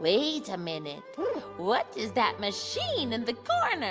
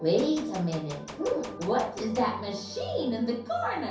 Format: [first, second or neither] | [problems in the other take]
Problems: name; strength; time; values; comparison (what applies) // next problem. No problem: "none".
first | background sound (Gunshot, gunfire); 15 dB below the speech // room echo; dies away in 0.6 s